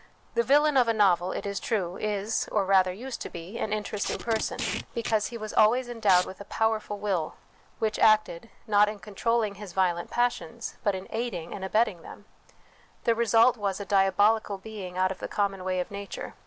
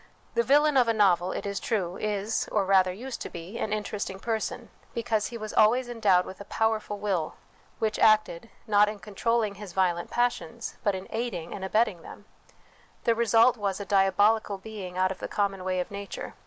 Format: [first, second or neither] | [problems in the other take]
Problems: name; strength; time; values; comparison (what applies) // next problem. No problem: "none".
second | background sound (Packing tape, duct tape); 11 dB below the speech